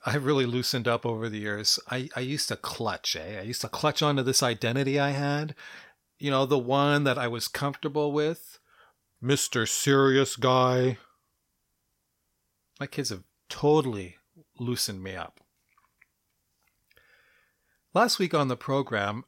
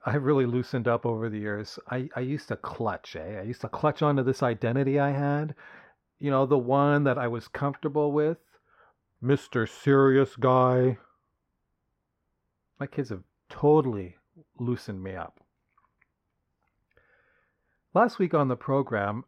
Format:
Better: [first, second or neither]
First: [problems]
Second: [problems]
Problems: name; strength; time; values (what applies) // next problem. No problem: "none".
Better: first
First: none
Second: muffled; very; fading above 3 kHz